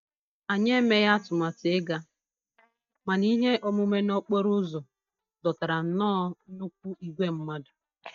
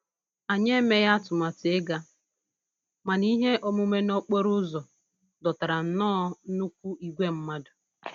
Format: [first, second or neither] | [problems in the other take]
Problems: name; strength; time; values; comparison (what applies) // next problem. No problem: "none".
second | noise reduction (neural mask model DeepFilterNet 3)